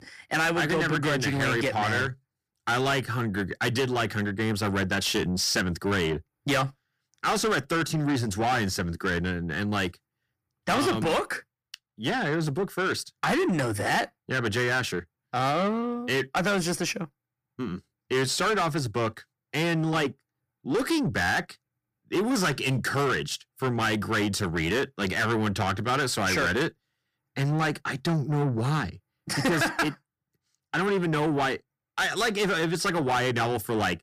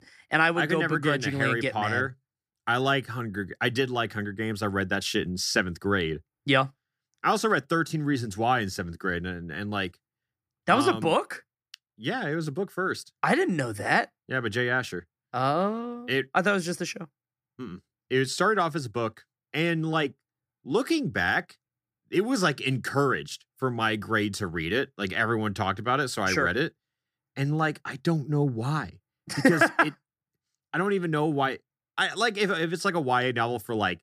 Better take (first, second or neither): second